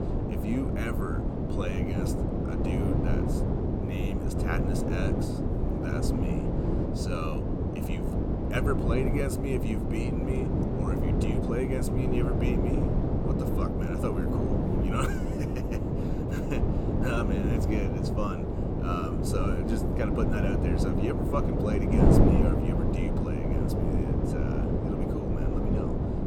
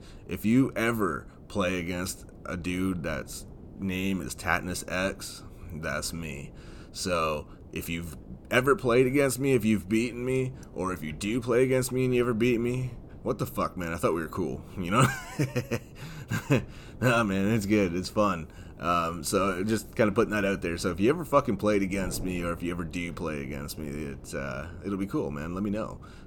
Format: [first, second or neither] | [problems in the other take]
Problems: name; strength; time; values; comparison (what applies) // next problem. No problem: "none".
second | wind noise on the microphone; heavy; 3 dB above the speech; occasional gusts in the second